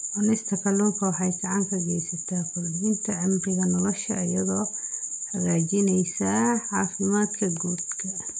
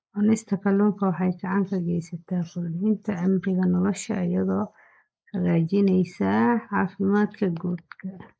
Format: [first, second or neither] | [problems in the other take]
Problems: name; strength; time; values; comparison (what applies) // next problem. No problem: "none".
first | noise reduction (neural mask model Resemble Enhance denoiser)